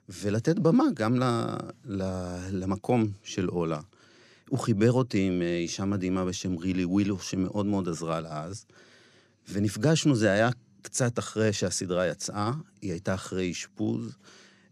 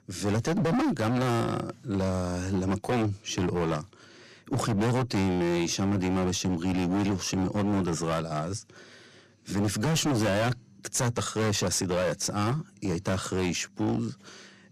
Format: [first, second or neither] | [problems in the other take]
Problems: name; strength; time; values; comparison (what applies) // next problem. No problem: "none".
first | distortion; heavy; 22% of the sound clipped